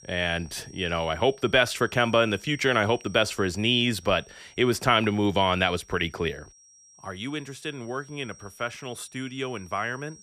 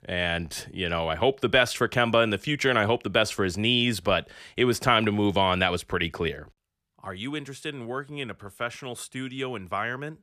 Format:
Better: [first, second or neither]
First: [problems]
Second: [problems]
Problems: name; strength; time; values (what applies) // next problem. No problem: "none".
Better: second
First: high-pitched whine; faint; throughout; 5.5 kHz, 25 dB below the speech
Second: none